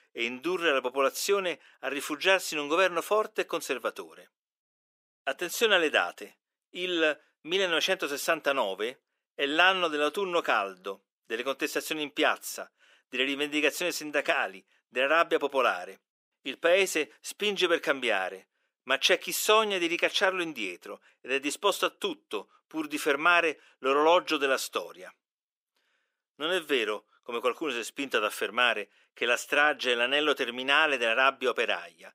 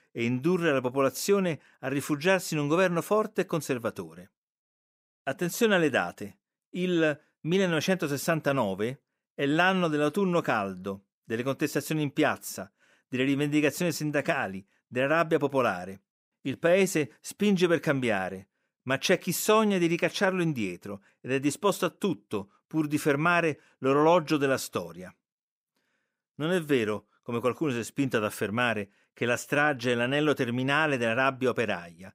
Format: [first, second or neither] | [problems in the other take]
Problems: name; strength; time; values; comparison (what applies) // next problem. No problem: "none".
second | thin; somewhat; fading below 350 Hz